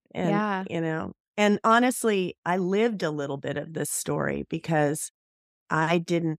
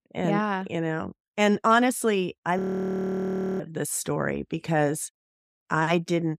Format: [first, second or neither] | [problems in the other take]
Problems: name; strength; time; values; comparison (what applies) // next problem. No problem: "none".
first | audio freezing; at 2.5 s for 1 s